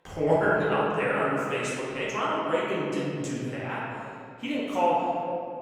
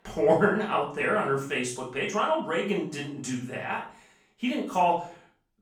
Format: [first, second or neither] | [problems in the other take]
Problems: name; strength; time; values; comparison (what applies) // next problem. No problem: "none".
second | room echo; strong; dies away in 2.2 s; slight in the second // off-mic speech; far; far in the second